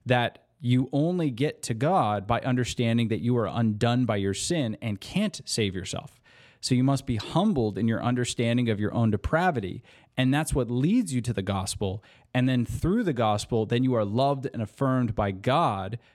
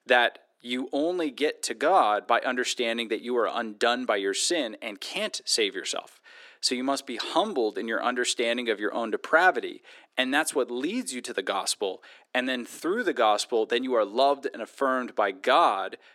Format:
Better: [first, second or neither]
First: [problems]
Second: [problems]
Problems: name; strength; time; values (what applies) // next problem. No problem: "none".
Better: first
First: none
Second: thin; somewhat; fading below 300 Hz